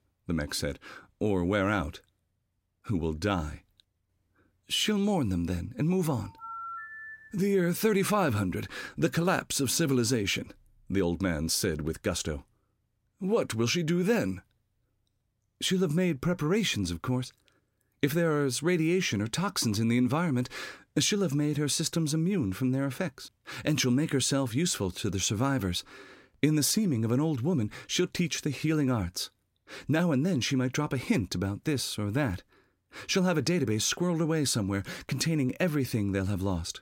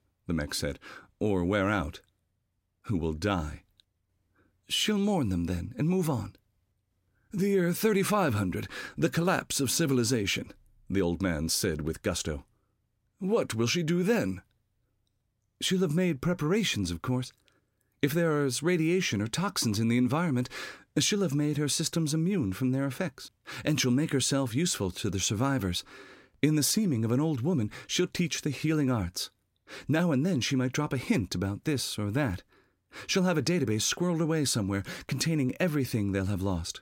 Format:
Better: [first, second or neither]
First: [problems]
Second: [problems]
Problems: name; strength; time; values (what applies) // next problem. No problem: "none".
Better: second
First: phone ringing; noticeable; from 6 to 7.5 s; peak 9 dB below the speech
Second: none